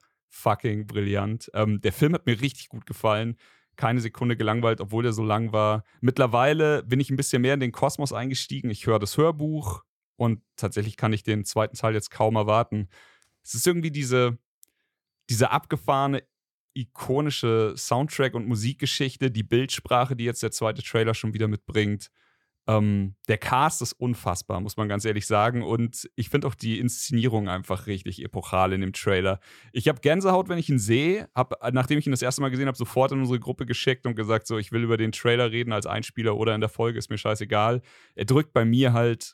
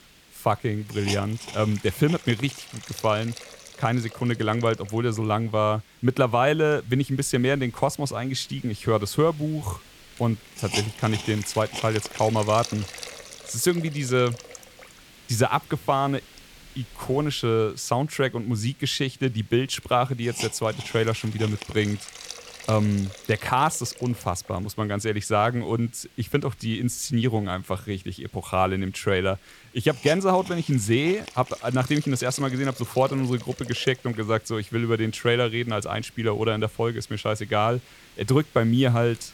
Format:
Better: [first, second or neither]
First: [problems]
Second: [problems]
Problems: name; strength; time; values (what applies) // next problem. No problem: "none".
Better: first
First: none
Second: hiss; noticeable; throughout; 15 dB below the speech